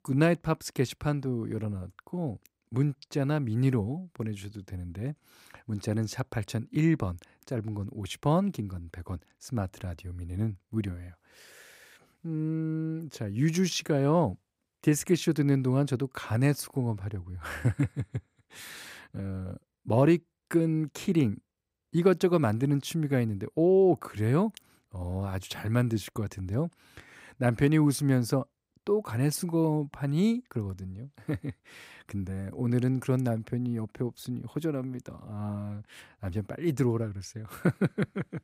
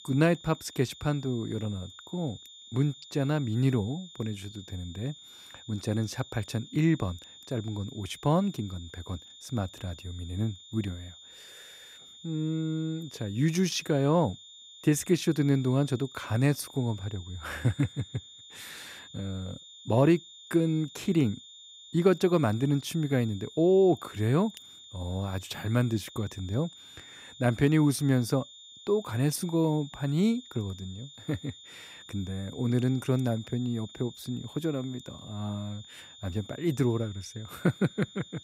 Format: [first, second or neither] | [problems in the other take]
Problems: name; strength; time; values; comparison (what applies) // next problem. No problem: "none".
first | high-pitched whine; noticeable; throughout; 3.5 kHz, 20 dB below the speech